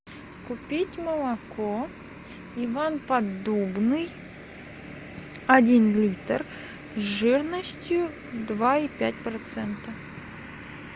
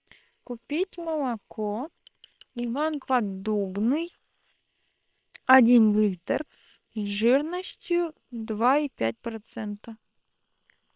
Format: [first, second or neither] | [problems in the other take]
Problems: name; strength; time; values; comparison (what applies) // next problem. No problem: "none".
first | noise reduction (neural separator model SepFormer WHAM!)